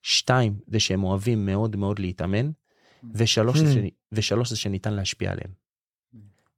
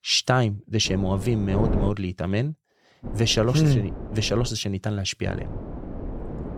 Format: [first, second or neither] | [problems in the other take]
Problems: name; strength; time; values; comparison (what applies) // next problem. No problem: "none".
first | wind noise on the microphone; occasional gusts; from 1 to 2 s, from 3 to 4.5 s and from 5.5 s on; 10 dB below the speech